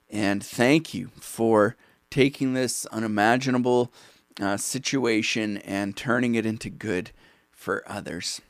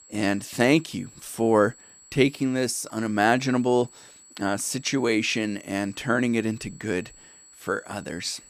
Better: first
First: none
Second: high-pitched whine; faint; throughout; 7.5 kHz, 25 dB below the speech

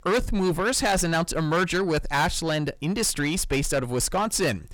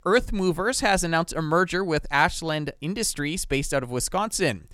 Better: second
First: distortion; heavy; 8 dB below the speech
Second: none

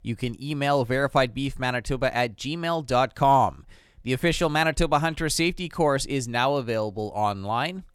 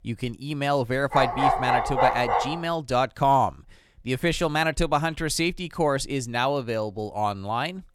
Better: first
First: none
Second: dog barking; loud; from 1 to 2.5 s; peak 3 dB above the speech

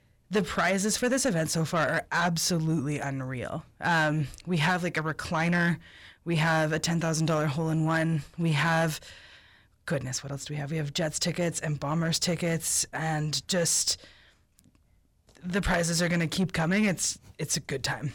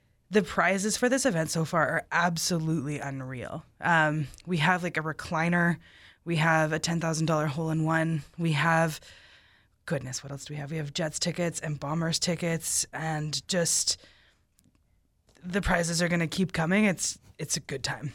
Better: second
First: distortion; slight; 10 dB below the speech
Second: none

